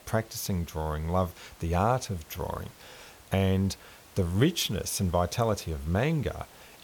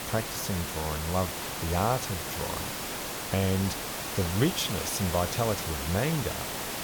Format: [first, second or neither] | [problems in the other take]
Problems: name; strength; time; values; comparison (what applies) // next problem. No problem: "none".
first | hiss; loud; throughout; 2 dB below the speech; faint in the first